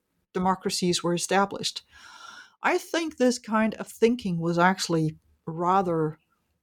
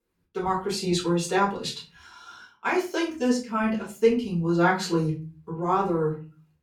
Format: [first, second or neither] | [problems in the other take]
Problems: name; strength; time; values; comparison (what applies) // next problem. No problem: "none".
first | off-mic speech; far // room echo; slight; dies away in 0.3 s